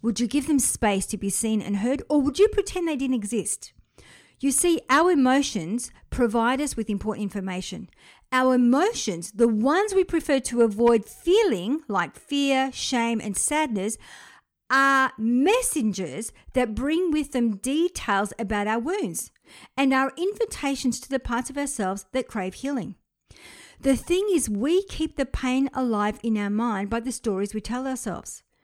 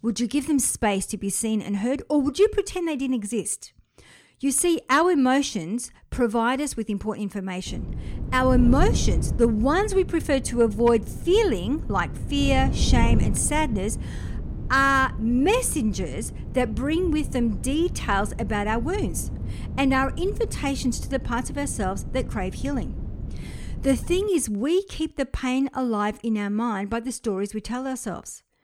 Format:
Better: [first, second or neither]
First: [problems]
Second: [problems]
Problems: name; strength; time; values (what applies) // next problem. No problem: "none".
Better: first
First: none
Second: wind noise on the microphone; occasional gusts; from 7.5 to 24 s; 15 dB below the speech